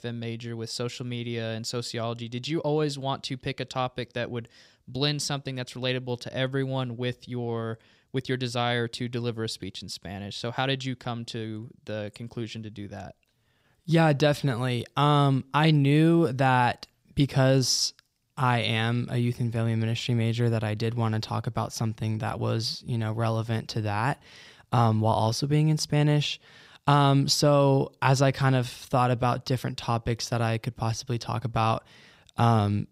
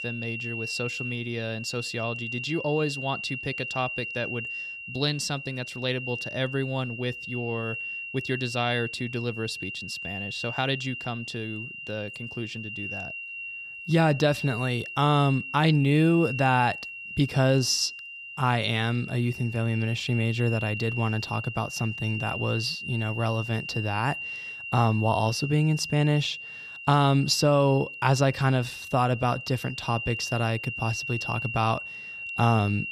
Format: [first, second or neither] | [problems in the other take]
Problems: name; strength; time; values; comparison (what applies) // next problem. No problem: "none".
first | high-pitched whine; loud; throughout; 3 kHz, 7 dB below the speech